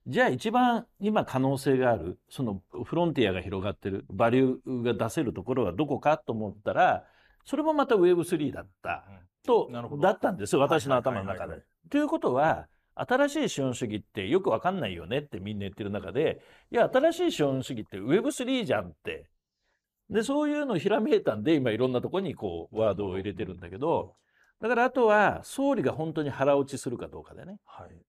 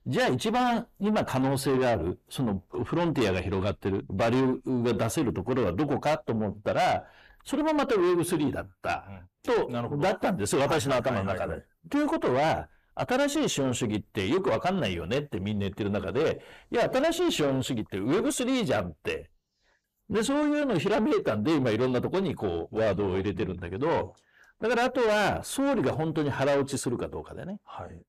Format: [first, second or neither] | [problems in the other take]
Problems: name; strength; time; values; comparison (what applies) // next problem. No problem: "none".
first | distortion; heavy; 7 dB below the speech